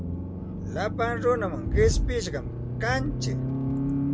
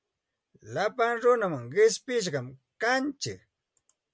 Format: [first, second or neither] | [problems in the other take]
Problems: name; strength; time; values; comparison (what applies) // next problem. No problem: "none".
second | background sound (Accelerating, revving, vroom); 2 dB above the speech